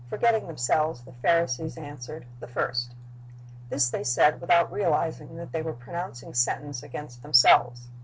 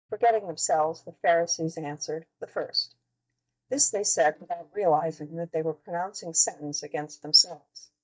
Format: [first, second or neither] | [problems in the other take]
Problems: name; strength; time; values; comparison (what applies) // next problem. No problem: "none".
first | noise reduction (neural mask model DeepFilterNet 3)